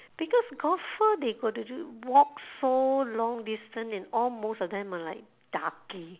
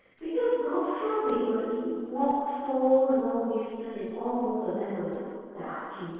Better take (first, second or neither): first